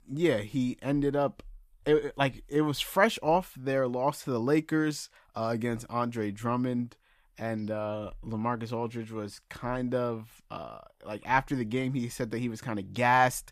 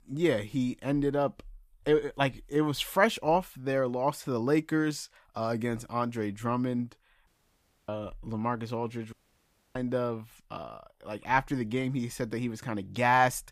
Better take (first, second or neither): first